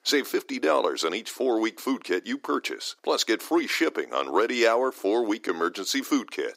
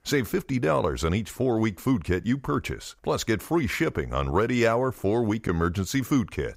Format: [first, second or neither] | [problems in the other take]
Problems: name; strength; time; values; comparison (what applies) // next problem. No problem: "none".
second | thin; somewhat; fading below 300 Hz